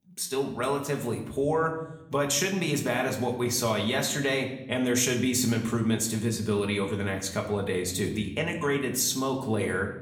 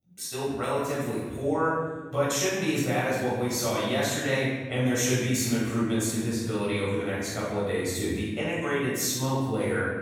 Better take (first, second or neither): first